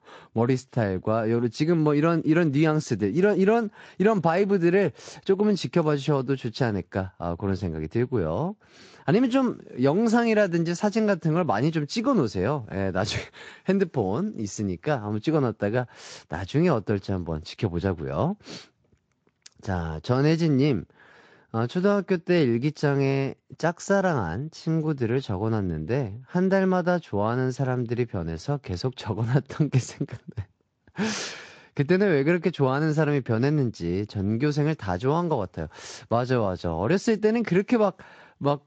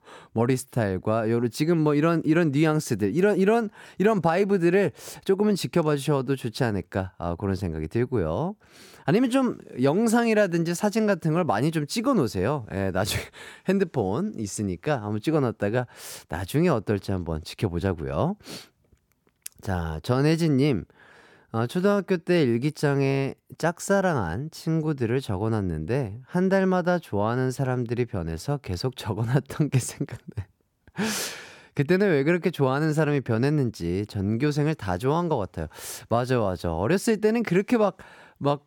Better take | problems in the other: second | garbled, watery; slightly; nothing above 7.5 kHz

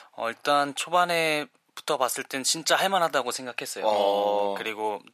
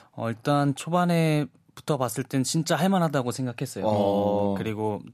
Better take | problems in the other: second | thin; very; fading below 550 Hz

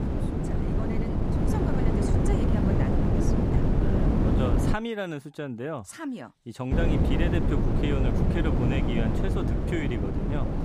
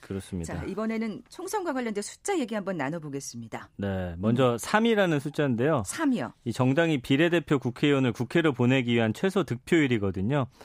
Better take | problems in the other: second | wind noise on the microphone; heavy; until 4.5 s and from 6.5 s on; 3 dB above the speech

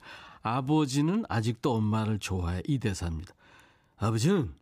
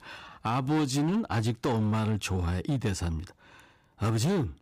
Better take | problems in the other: first | distortion; slight; 12% of the sound clipped

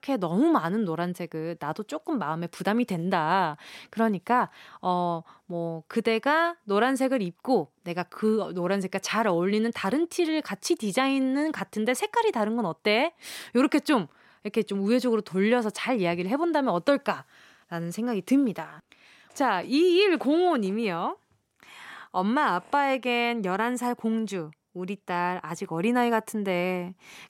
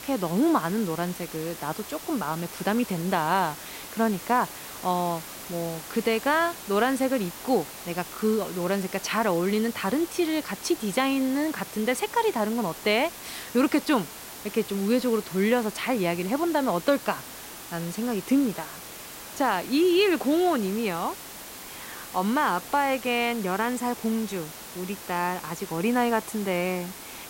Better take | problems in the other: first | hiss; noticeable; throughout; 10 dB below the speech

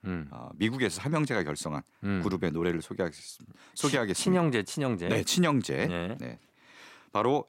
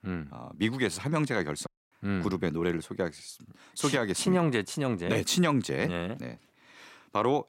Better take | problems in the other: first | audio cutting out; at 1.5 s

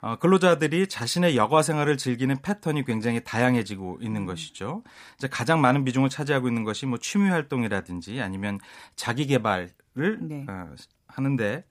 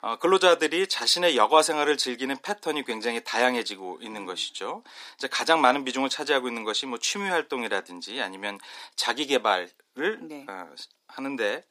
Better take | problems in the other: first | thin; somewhat; fading below 300 Hz

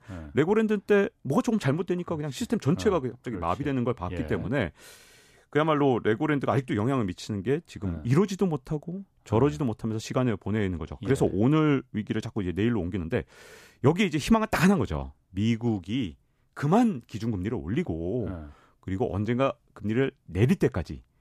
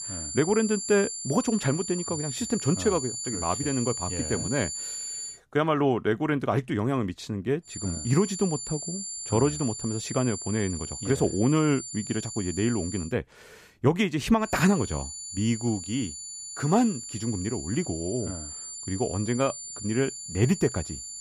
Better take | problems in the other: first | high-pitched whine; loud; until 5.5 s, from 7.5 to 13 s and from 14 s on; 7 kHz, 6 dB below the speech

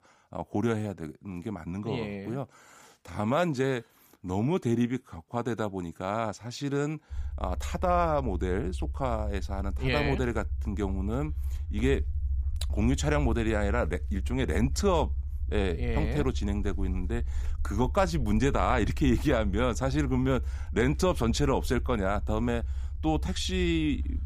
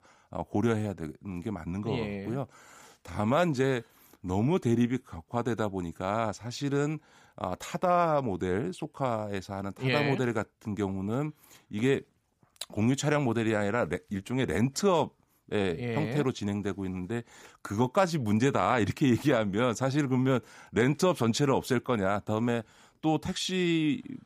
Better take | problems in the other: second | low rumble; faint; from 7 s on; 25 dB below the speech

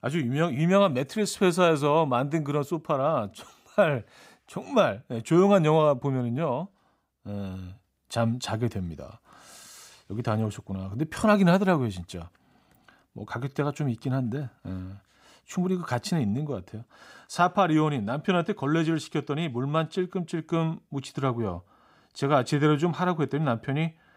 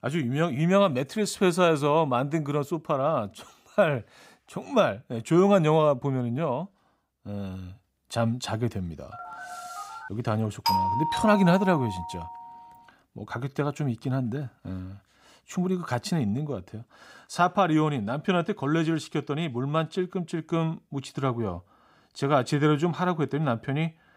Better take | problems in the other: first | phone ringing; faint; at 9 s; peak 10 dB below the speech // doorbell; loud; from 11 to 12 s; peak 2 dB above the speech

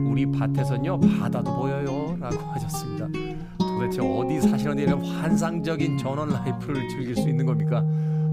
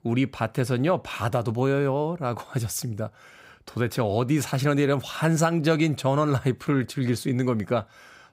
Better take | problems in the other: second | background music; very loud; throughout; 4 dB above the speech

